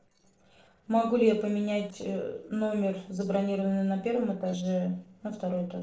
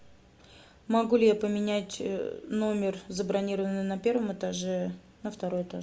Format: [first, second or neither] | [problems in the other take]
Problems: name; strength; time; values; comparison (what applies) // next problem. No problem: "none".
second | noise reduction (neural separator model SepFormer DNS4)